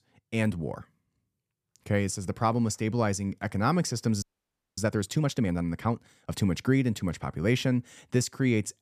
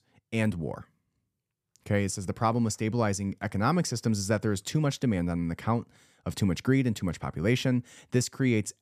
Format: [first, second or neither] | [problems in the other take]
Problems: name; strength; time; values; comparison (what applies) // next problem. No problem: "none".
second | audio freezing; at 4 s for 0.5 s